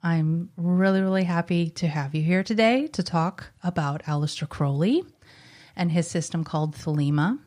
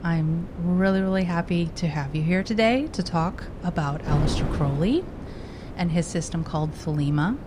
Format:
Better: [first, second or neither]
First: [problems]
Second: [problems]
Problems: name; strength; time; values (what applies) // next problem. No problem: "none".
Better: first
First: none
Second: wind noise on the microphone; occasional gusts; 10 dB below the speech